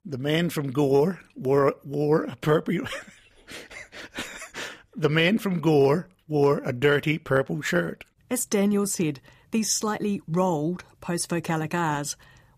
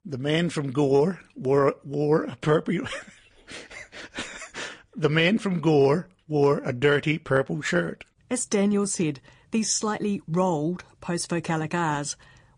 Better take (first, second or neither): first